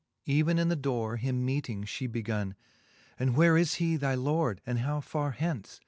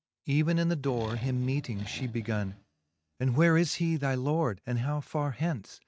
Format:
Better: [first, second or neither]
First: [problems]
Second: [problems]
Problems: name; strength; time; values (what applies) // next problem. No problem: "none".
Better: first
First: none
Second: noise reduction (neural mask model RNNoise)